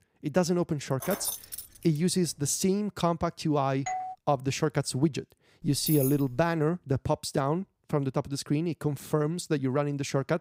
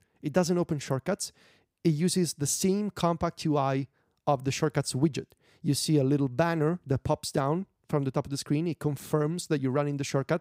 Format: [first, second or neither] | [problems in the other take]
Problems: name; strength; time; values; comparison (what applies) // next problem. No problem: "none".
second | jangling keys; noticeable; at 1 s and at 5.5 s; peak 4 dB below the speech // doorbell; noticeable; at 4 s; peak 6 dB below the speech